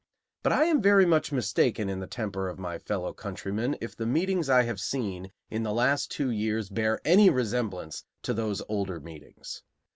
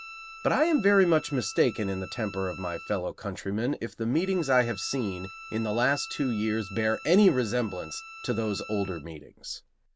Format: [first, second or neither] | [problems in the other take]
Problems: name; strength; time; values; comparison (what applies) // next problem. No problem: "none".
first | background sound (Bowed string instrument); 17 dB below the speech